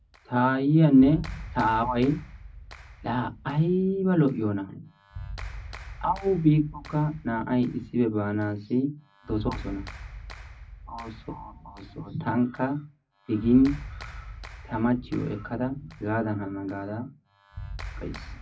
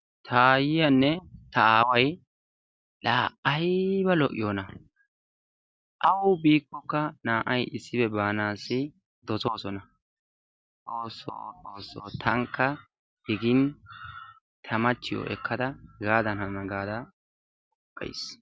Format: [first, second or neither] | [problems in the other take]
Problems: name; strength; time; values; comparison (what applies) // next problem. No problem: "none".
second | background sound (Clapping); 15 dB below the speech // room echo; dies away in 0.4 s